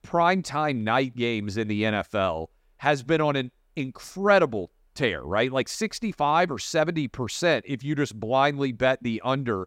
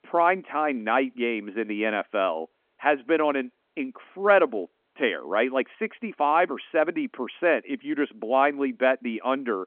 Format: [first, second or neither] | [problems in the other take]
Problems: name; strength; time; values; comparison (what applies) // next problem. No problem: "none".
first | phone-call audio; nothing above 3.5 kHz